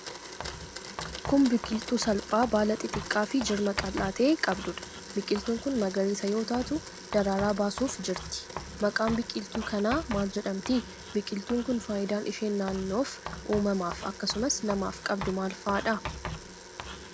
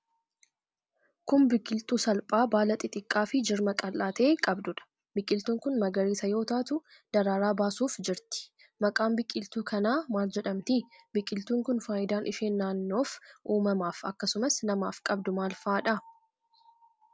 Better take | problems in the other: second | background sound (Writing + Domestic sounds, home sounds); 10 dB below the speech

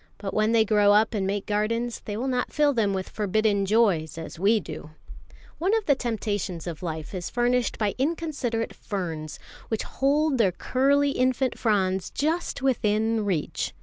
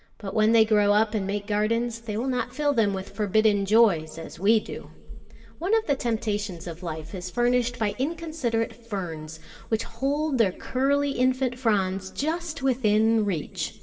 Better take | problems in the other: first | room echo; dies away in 1.5 s

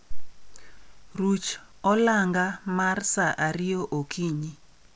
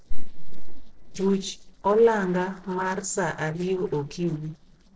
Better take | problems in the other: first | noise reduction (neural separator model SepFormer DNS4)

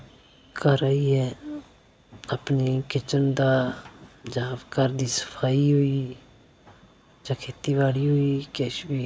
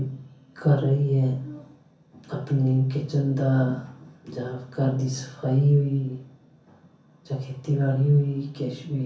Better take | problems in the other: first | room echo; dies away in 0.6 s

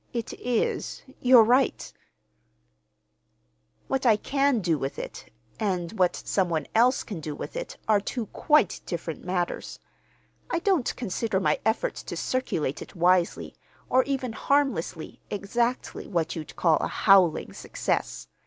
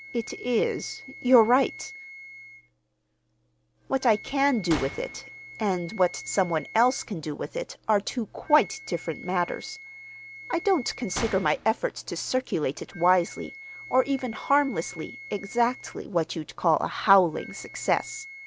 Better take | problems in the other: first | background sound (Gunshot, gunfire + Wind instrument, woodwind instrument); 16 dB below the speech

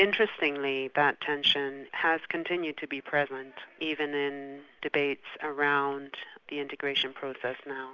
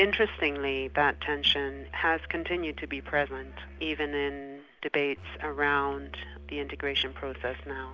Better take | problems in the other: first | background sound (Musical instrument); 15 dB below the speech

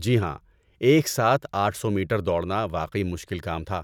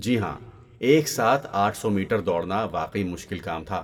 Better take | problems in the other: first | room echo; dies away in 0.7 s

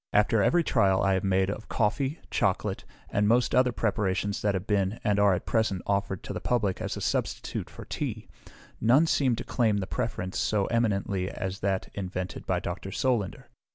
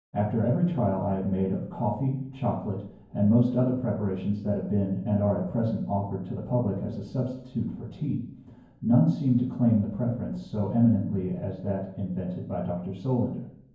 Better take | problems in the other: first | room echo; dies away in 0.9 s

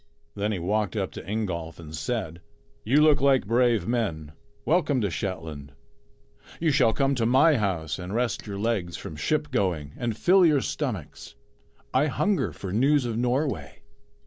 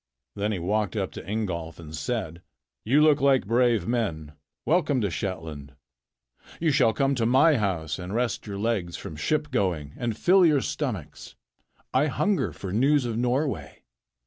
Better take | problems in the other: second | background sound (Liquid); 11 dB below the speech

